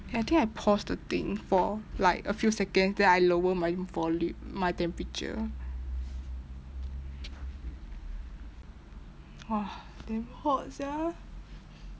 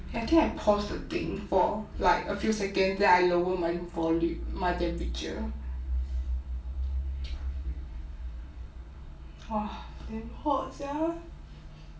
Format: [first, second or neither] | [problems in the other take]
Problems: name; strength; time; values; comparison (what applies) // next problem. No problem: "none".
first | room echo; dies away in 0.3 s